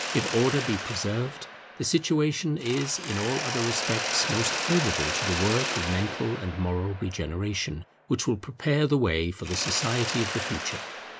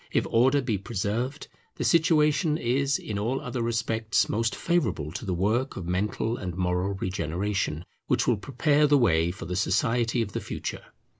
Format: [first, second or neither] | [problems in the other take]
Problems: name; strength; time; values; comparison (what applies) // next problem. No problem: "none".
second | background sound (Mechanisms); 5 dB below the speech